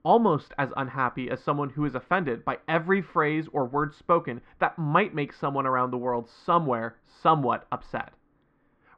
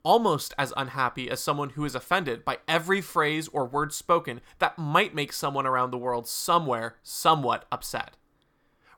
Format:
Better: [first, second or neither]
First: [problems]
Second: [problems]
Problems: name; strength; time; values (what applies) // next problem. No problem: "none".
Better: second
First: muffled; very; fading above 2.5 kHz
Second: none